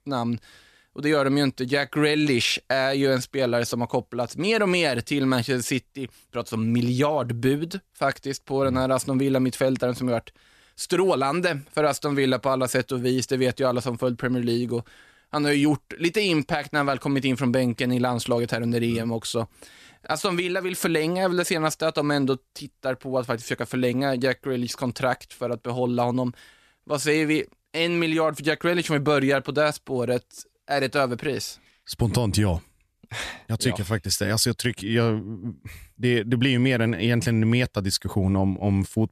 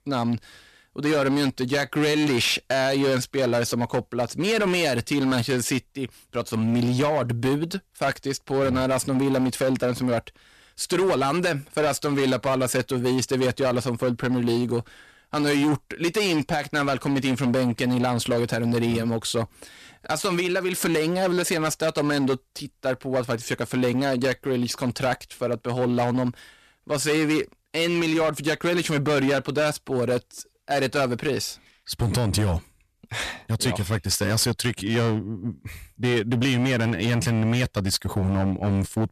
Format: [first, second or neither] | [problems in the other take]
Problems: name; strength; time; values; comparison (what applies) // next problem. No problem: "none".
first | distortion; slight; 14% of the sound clipped